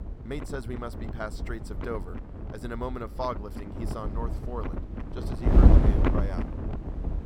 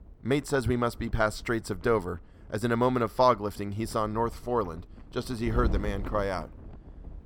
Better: second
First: wind noise on the microphone; heavy; 1 dB above the speech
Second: wind noise on the microphone; occasional gusts; 20 dB below the speech

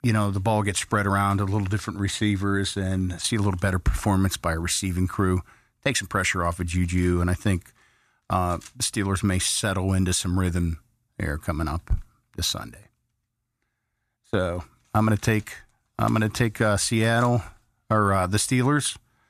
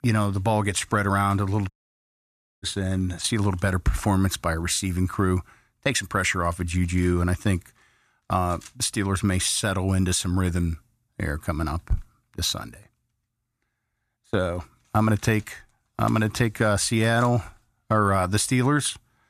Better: first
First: none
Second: audio cutting out; at 1.5 s for 1 s

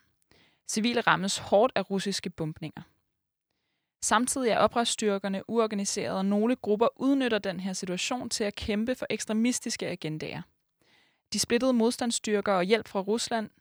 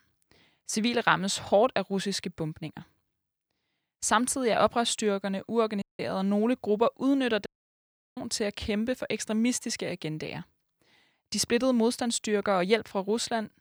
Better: first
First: none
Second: audio cutting out; at 6 s and at 7.5 s for 0.5 s

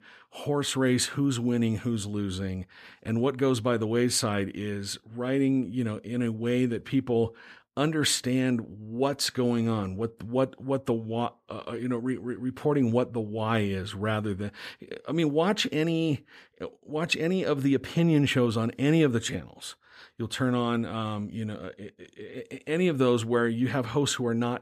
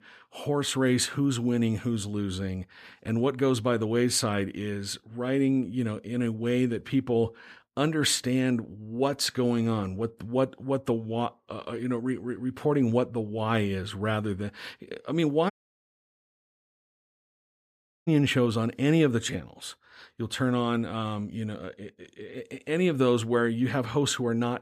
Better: first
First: none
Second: audio cutting out; at 16 s for 2.5 s

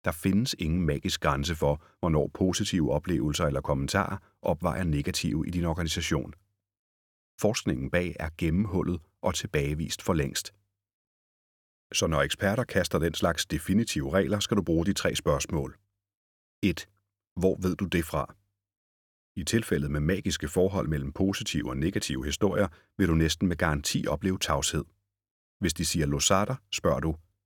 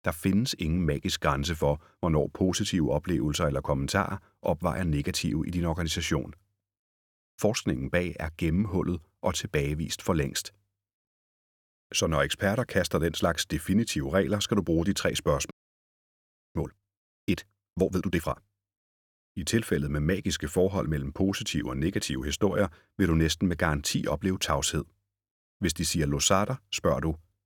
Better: first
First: none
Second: audio freezing; at 16 s for 1 s

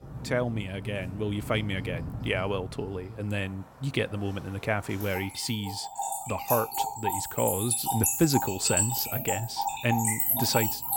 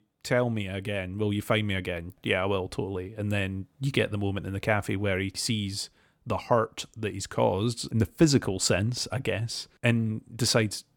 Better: second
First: rain or running water; very loud; throughout; 1 dB above the speech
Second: none

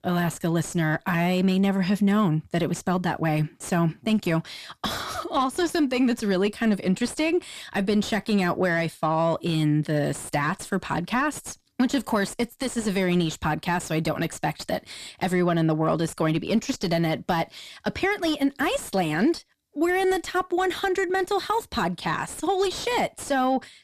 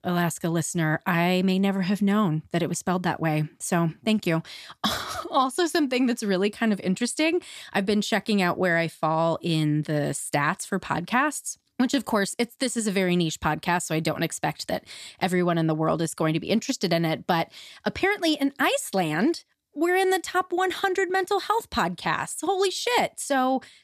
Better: second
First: distortion; slight; 10 dB below the speech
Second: none

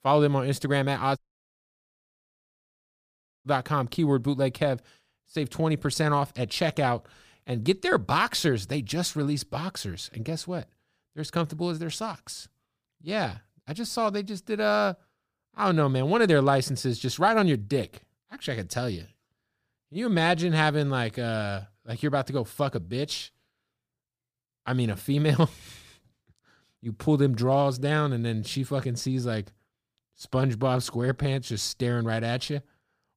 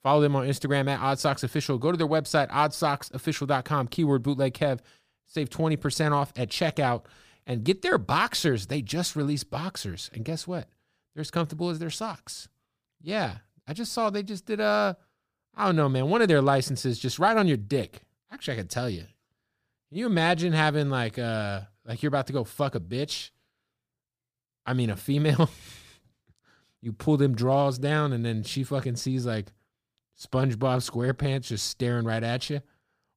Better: second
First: audio cutting out; at 1 s for 2.5 s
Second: none

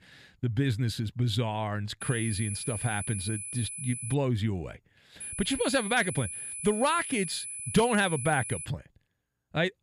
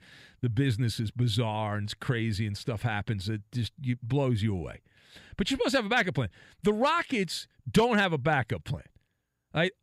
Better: second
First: high-pitched whine; loud; from 2 to 4 s and from 5 to 8.5 s; 10 kHz, 6 dB below the speech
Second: none

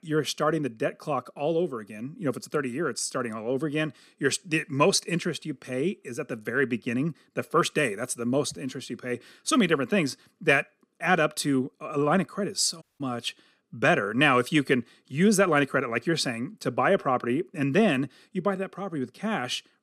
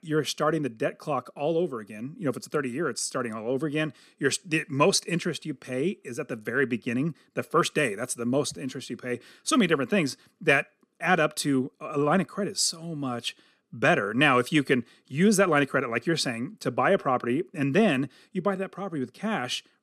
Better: second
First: audio cutting out; at 13 s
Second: none

